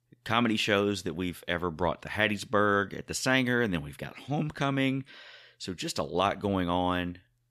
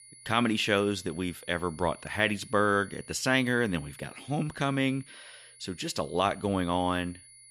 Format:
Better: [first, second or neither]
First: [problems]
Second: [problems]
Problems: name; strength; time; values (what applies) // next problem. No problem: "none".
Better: first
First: none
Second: high-pitched whine; faint; throughout; 10.5 kHz, 20 dB below the speech